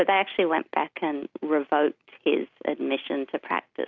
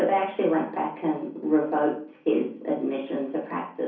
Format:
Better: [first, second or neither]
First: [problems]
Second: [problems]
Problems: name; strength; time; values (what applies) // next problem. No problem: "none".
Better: first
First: none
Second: room echo; dies away in 0.6 s